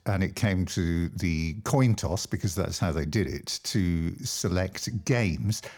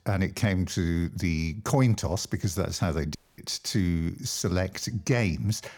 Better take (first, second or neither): first